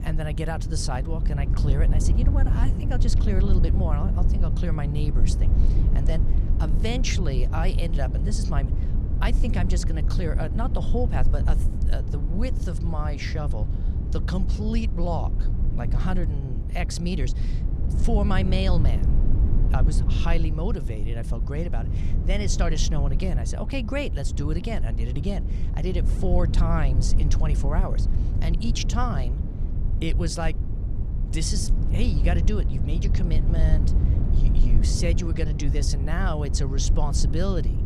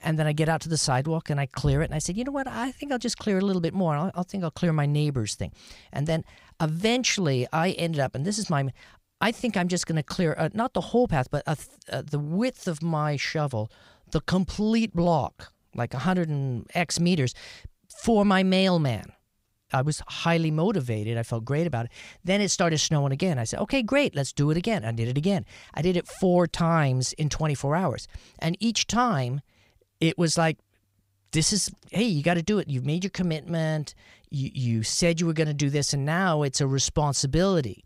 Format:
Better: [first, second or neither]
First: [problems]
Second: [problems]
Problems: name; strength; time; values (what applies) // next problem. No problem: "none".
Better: second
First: low rumble; loud; throughout; 7 dB below the speech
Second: none